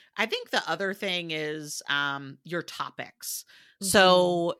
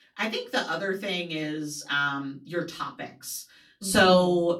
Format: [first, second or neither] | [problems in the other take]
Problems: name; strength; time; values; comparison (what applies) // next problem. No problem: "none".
first | off-mic speech; far // room echo; very slight; dies away in 0.3 s